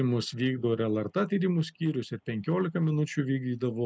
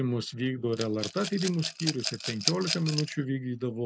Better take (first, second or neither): first